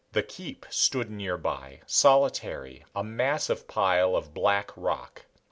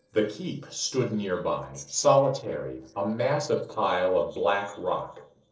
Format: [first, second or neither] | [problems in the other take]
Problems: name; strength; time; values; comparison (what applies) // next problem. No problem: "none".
first | noise reduction (neural separator model SepFormer DNS4)